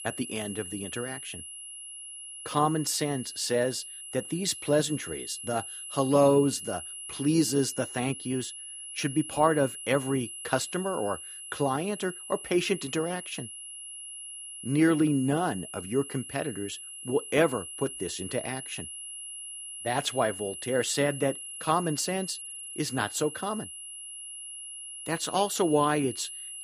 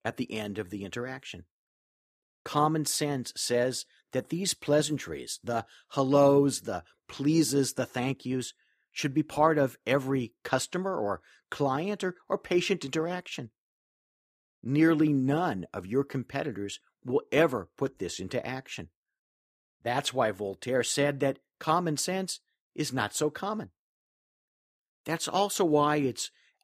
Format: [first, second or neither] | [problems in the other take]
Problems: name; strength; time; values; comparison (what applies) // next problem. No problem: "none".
second | high-pitched whine; loud; throughout; 11 kHz, 9 dB below the speech